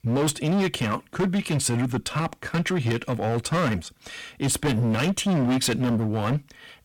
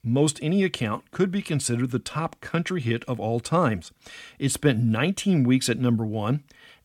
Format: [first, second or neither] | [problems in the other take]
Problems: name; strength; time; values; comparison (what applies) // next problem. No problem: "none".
second | distortion; heavy; 19% of the sound clipped